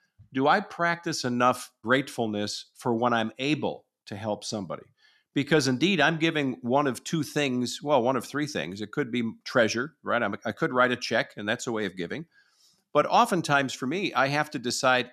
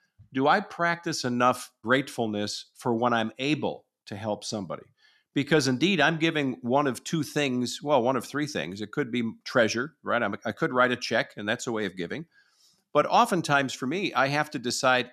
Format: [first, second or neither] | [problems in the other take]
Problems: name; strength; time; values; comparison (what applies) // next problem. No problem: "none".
neither | none